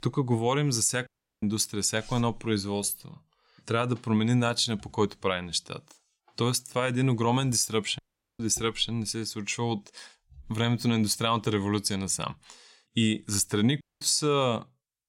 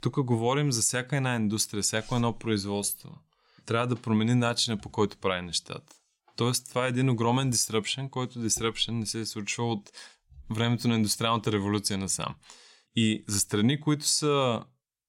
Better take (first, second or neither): second